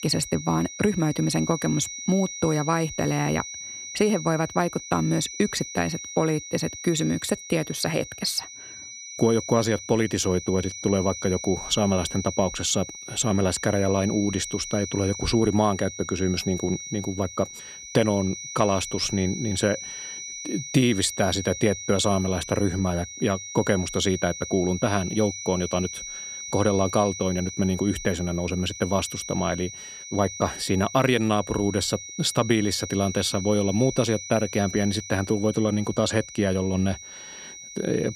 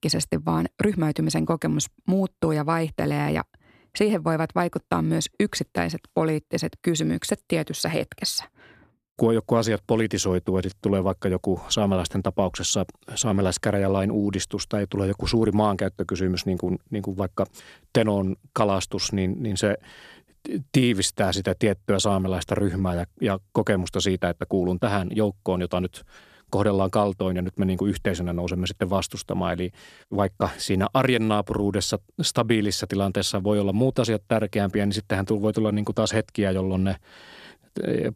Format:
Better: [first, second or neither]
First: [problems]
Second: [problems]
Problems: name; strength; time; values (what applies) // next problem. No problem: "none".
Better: second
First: high-pitched whine; loud; throughout; 6 kHz, 10 dB below the speech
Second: none